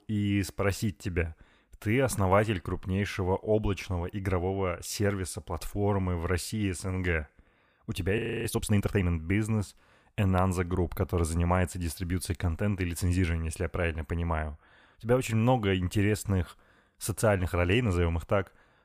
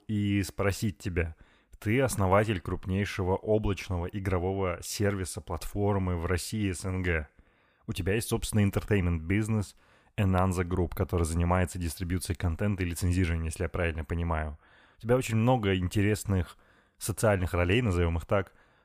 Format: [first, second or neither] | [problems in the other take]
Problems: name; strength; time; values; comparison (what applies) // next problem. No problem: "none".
second | audio freezing; at 8 s